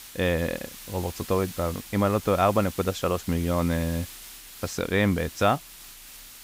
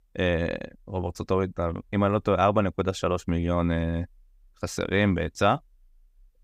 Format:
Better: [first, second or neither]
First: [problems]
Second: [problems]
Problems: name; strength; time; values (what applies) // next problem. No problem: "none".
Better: second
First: hiss; noticeable; throughout; 15 dB below the speech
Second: none